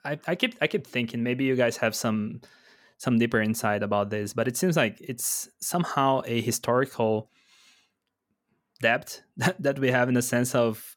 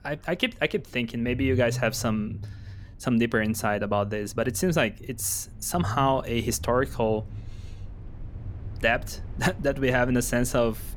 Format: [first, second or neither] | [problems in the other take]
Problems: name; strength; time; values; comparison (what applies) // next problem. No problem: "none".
first | low rumble; faint; throughout; 25 dB below the speech